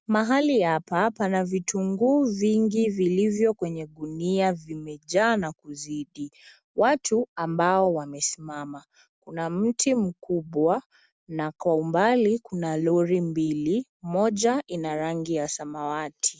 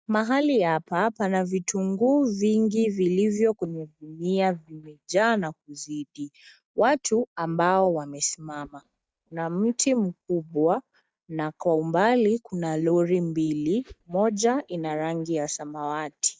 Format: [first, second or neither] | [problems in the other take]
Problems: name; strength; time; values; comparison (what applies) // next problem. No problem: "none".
first | noise reduction (neural mask model DeepFilterNet 3)